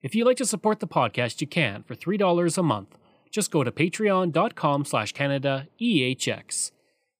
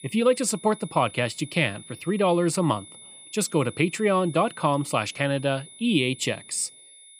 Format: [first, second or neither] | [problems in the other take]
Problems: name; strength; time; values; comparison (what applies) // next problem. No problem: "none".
first | high-pitched whine; noticeable; throughout; 10 kHz, 20 dB below the speech